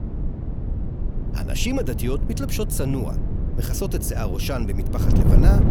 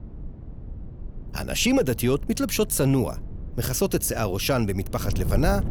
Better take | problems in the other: second | wind noise on the microphone; heavy; 5 dB below the speech; occasional gusts in the second

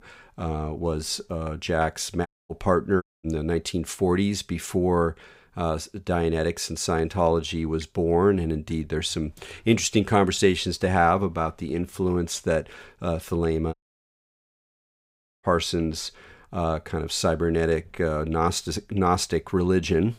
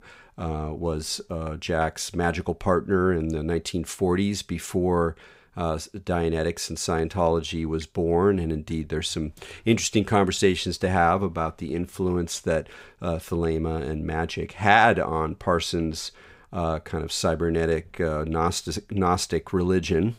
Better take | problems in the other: second | audio cutting out; at 2.5 s, at 3 s and at 14 s for 1.5 s

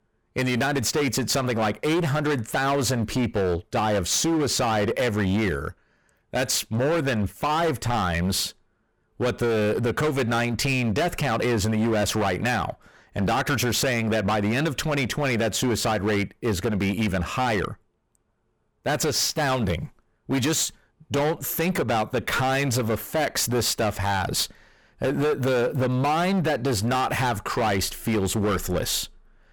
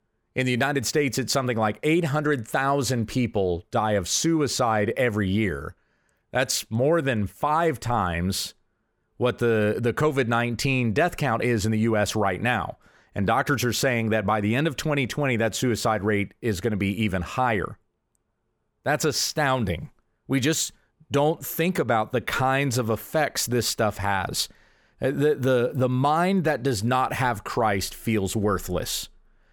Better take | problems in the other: second | distortion; heavy; 21% of the sound clipped

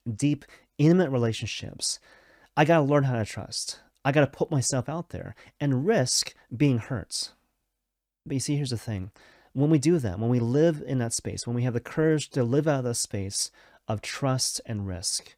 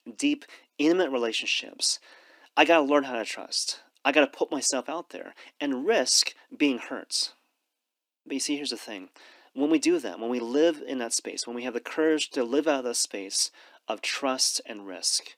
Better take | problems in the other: first | thin; very slightly; fading below 250 Hz

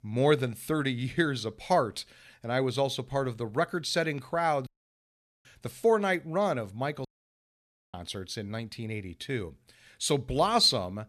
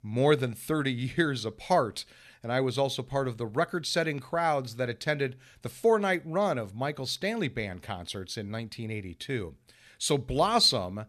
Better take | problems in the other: second | audio cutting out; at 4.5 s for 1 s and at 7 s for 1 s

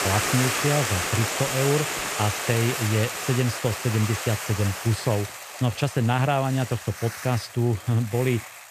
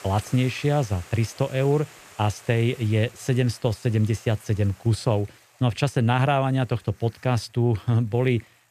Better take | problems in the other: second | hiss; loud; throughout; 3 dB below the speech; faint in the second

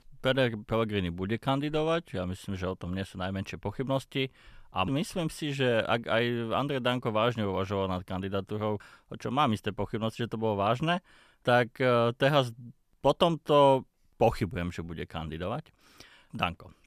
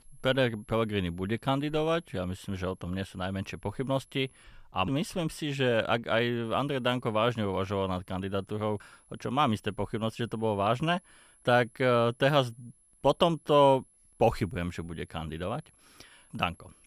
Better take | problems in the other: first | high-pitched whine; faint; until 4.5 s and from 6.5 s on; 11 kHz, 30 dB below the speech

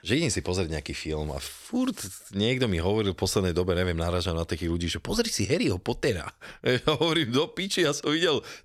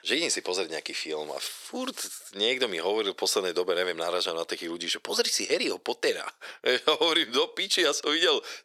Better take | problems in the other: first | thin; very; fading below 400 Hz

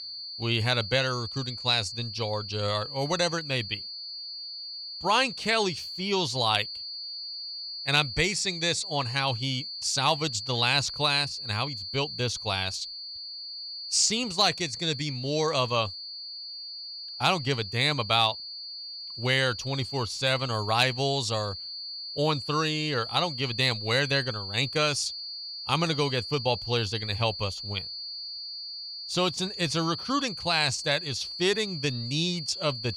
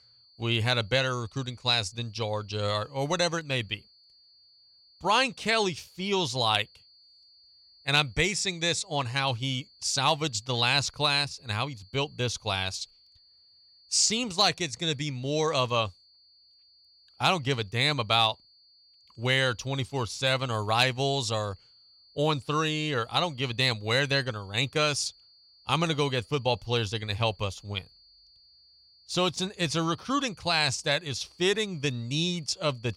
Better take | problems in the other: second | high-pitched whine; loud; throughout; 4.5 kHz, 8 dB below the speech; faint in the second

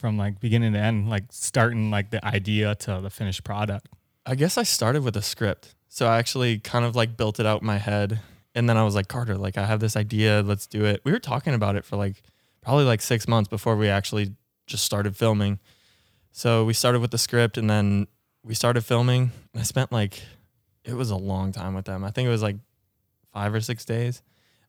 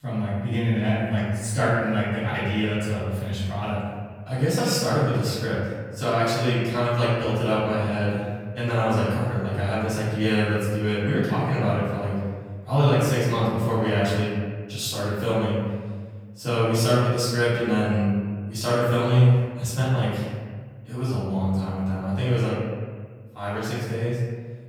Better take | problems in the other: first | room echo; strong; dies away in 1.5 s // off-mic speech; far

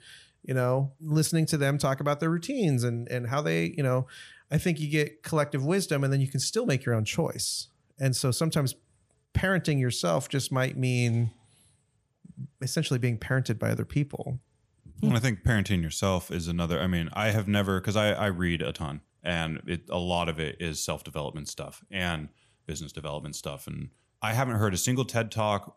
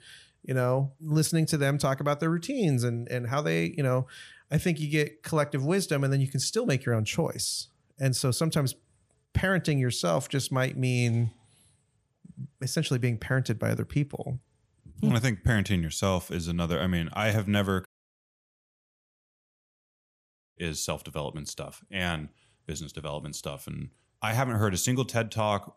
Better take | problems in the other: first | audio cutting out; at 18 s for 2.5 s

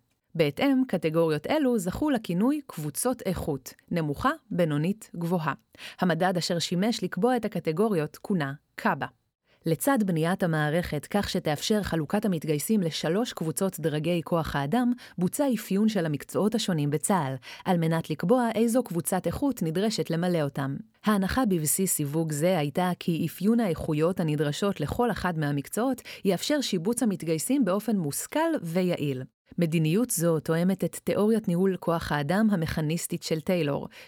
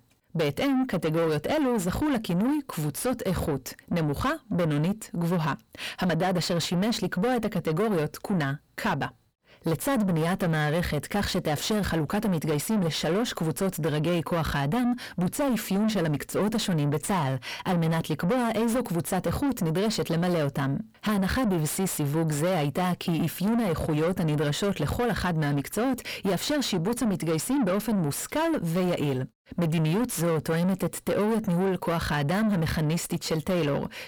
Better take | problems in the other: first | distortion; heavy; 7 dB below the speech

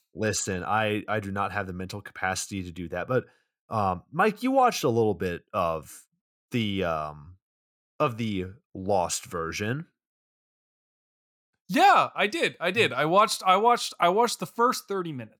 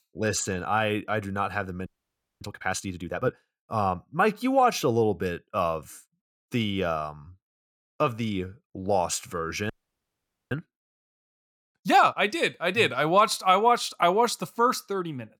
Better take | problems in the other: first | audio freezing; at 2 s for 0.5 s and at 9.5 s for 1 s

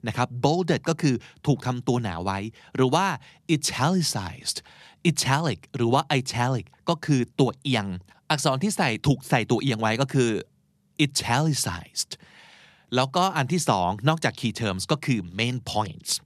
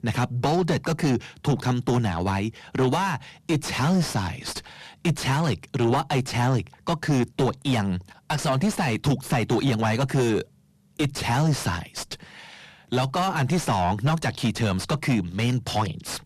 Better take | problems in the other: first | distortion; heavy; 5 dB below the speech

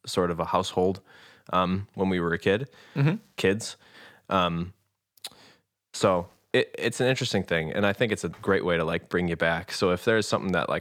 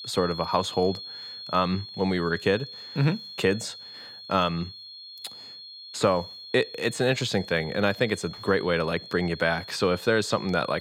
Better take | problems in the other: first | high-pitched whine; noticeable; throughout; 4.5 kHz, 15 dB below the speech

